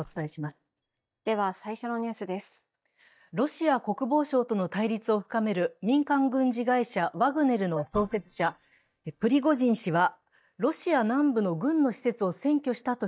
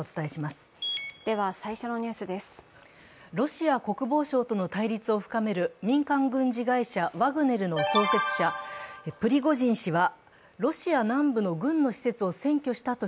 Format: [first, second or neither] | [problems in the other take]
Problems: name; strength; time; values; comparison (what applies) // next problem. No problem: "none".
second | noise reduction (neural mask model DeepFilterNet 3)